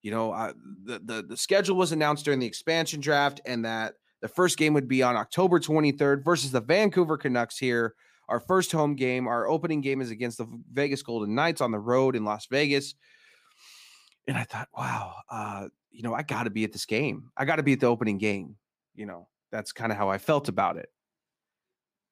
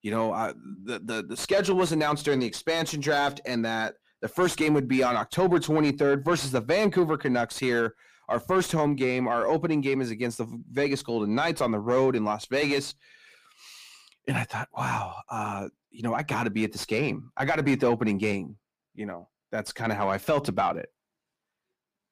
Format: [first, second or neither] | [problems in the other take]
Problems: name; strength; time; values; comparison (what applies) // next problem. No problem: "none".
first | distortion; slight; 10 dB below the speech